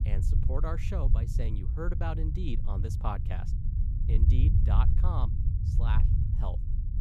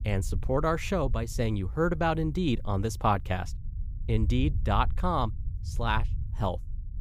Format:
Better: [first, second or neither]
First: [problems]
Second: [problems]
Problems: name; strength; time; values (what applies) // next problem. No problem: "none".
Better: second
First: low rumble; loud; throughout; 5 dB below the speech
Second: low rumble; faint; throughout; 25 dB below the speech